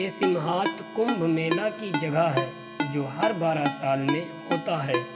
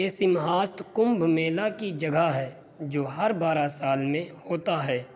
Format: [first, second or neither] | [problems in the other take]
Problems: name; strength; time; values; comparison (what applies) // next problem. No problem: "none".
second | background sound (Ringtone); 5 dB below the speech // room echo; dies away in 1.8 s